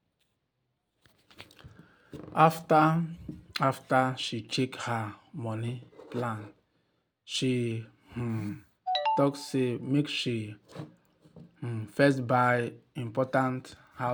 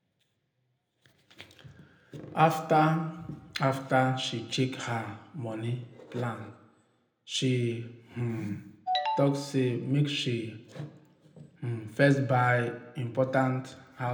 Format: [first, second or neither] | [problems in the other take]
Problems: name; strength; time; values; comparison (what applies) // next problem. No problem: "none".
first | room echo; dies away in 0.7 s